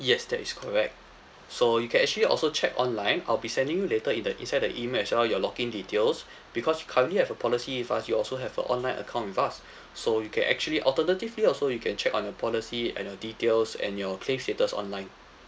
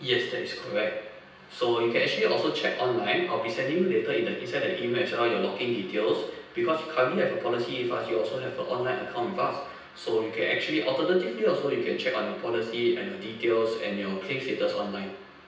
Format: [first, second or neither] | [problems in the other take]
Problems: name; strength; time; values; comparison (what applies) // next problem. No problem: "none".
first | room echo; dies away in 0.9 s